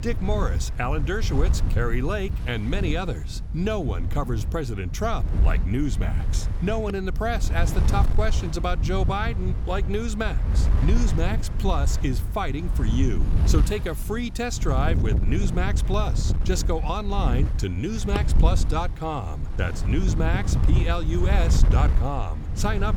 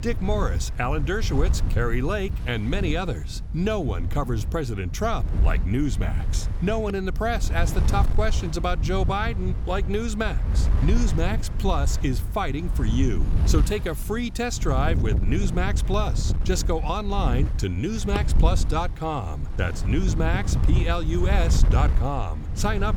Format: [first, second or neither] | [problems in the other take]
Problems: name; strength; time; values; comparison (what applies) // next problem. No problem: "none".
second | wind noise on the microphone; heavy; 9 dB below the speech; occasional gusts in the second